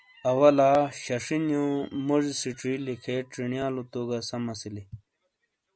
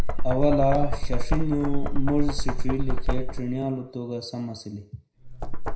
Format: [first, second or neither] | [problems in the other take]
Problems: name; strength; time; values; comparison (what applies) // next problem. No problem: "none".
first | background sound (Knock); 5 dB above the speech // room echo; dies away in 0.4 s